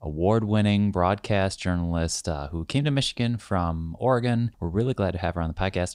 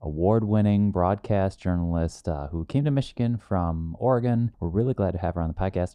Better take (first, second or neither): first